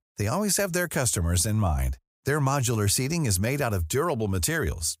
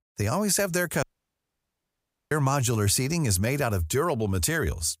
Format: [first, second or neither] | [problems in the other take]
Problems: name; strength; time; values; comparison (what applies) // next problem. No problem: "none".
first | audio cutting out; at 1 s for 1.5 s